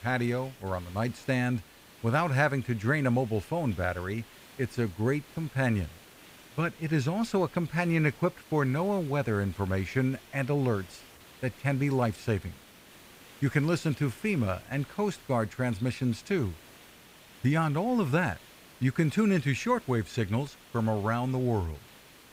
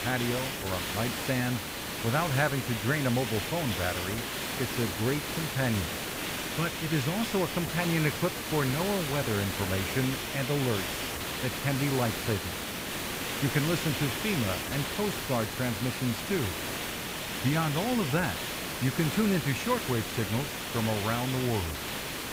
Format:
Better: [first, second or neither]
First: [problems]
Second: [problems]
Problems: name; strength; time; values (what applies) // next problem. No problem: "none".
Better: first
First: hiss; faint; throughout; 20 dB below the speech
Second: hiss; loud; throughout; 2 dB below the speech